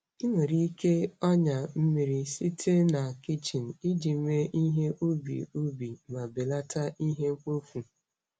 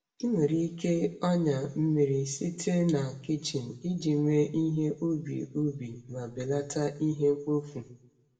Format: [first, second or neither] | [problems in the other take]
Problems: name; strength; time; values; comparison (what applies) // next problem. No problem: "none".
first | room echo; dies away in 0.6 s